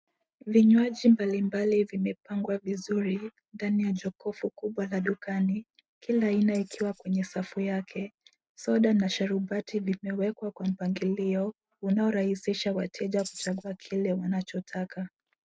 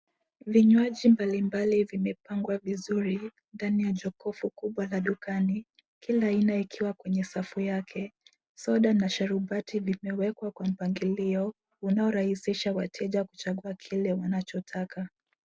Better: second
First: noise reduction (neural mask model RNNoise)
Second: none

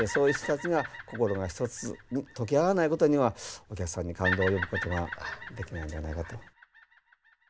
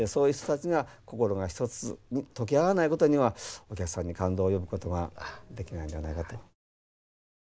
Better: second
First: background sound (Bird vocalization, bird call, bird song); 10 dB below the speech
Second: none

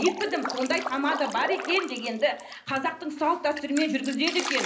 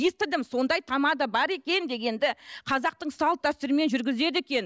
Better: second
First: background sound (Drip); 8 dB below the speech // room echo; dies away in 0.5 s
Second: none

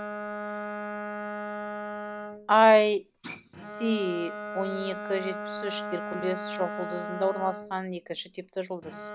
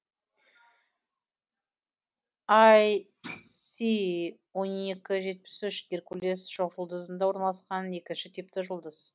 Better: second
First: background sound (Bowed string instrument); 8 dB below the speech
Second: none

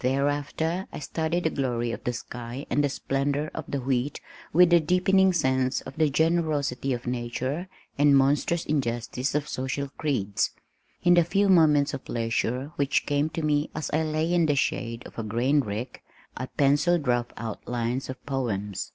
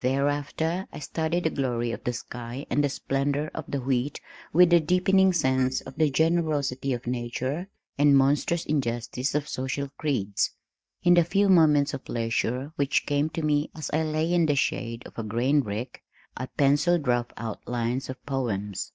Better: first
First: none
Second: noise reduction (neural mask model DeepFilterNet 3)

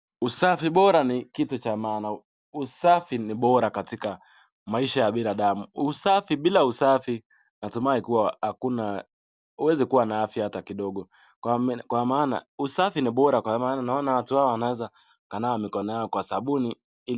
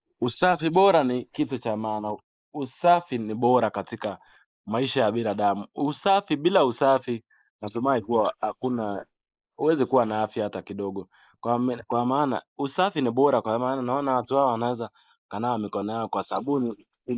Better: first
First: none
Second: noise reduction (neural mask model Resemble Enhance denoiser)

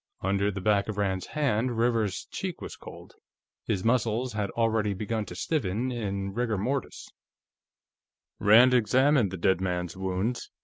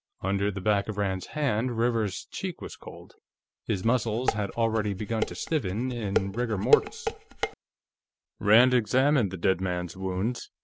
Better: first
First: none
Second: background sound (Dishes, pots, and pans); 3 dB below the speech

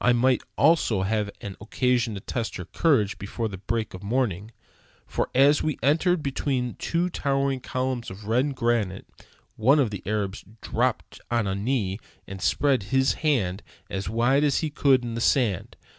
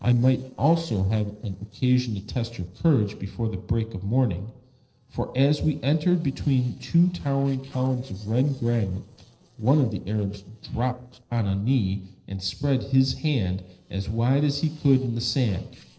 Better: first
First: none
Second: noise reduction (neural separator model SepFormer DNS4)

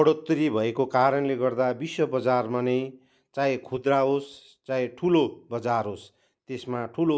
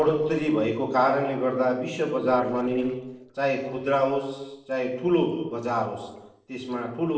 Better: first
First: none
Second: noise reduction (neural separator model SepFormer DNS4)

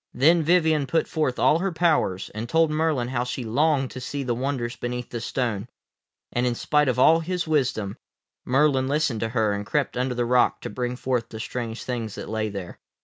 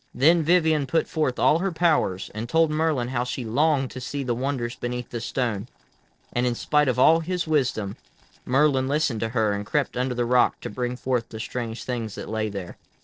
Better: first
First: none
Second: noise reduction (neural separator model SepFormer DNS4)

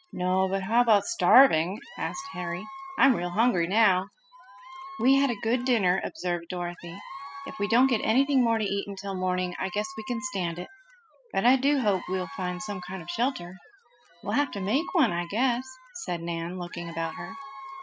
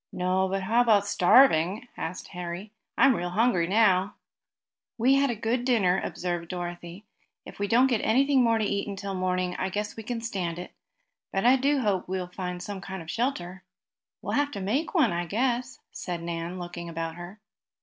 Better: second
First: noise reduction (classical method spectral subtraction)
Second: none

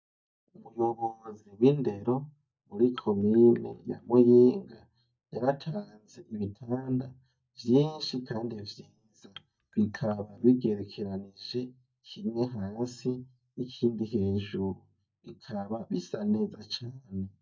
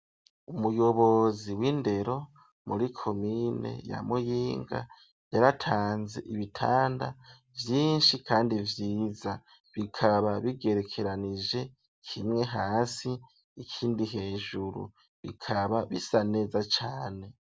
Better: second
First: noise reduction (neural mask model DeepFilterNet 3)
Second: none

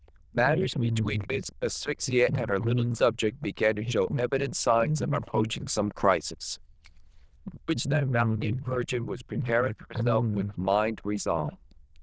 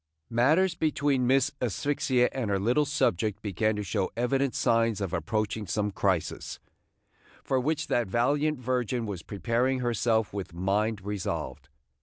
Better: second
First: noise reduction (neural diffusion model UNIVERSE++)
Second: none

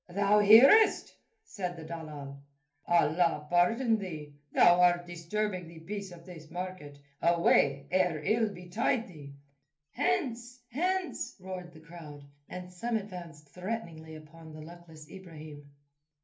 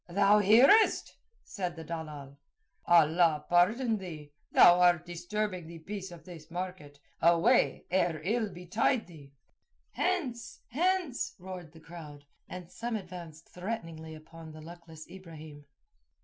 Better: second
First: room echo; dies away in 0.3 s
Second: none

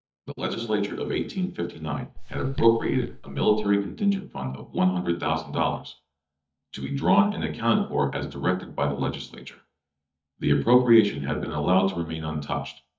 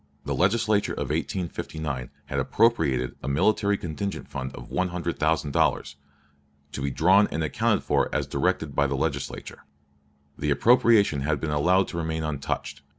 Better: second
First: noise reduction (neural mask model DeepFilterNet 3)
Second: none

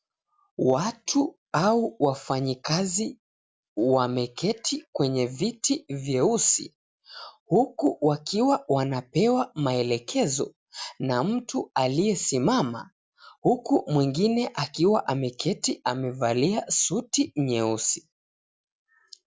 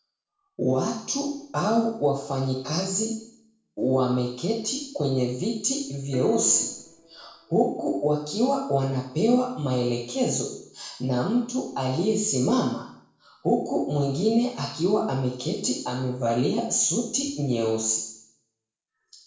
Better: first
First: none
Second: noise reduction (neural separator model SepFormer DNS4)

